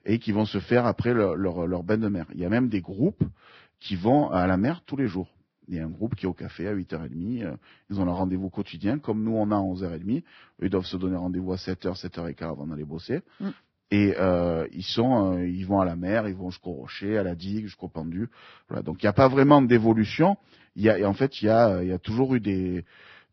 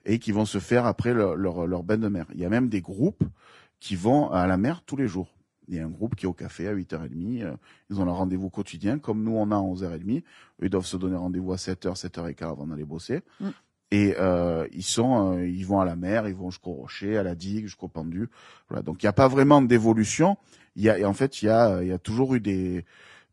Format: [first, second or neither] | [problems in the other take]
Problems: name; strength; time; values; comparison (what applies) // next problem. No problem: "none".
second | garbled, watery; badly; nothing above 5.5 kHz; slightly in the second